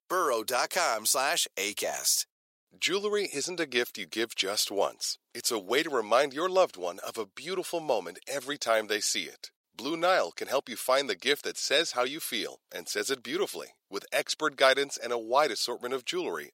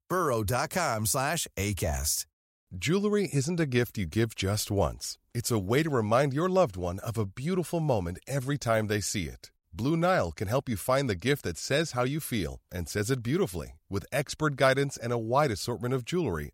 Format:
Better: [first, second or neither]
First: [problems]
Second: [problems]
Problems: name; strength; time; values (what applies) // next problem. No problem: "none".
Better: second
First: thin; very; fading below 350 Hz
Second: none